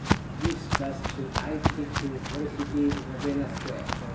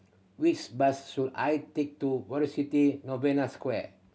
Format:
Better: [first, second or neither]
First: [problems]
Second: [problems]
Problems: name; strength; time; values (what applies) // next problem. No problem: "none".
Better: second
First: background sound (Walk, footsteps); 2 dB above the speech // room echo; dies away in 0.8 s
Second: none